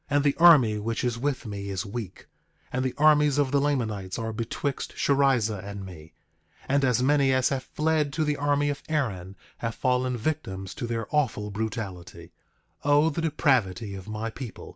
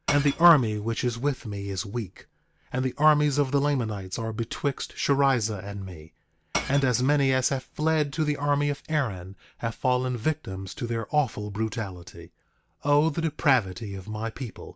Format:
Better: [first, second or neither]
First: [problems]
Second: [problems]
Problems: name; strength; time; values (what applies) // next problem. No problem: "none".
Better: first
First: none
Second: background sound (Shatter / Crushing); 14 dB below the speech